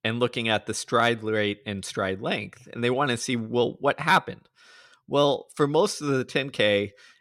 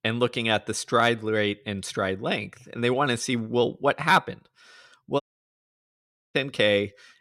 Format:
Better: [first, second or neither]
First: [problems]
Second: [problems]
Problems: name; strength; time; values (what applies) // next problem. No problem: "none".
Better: first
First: none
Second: audio cutting out; at 5 s for 1 s